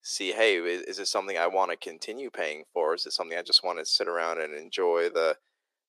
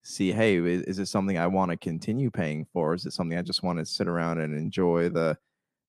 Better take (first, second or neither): second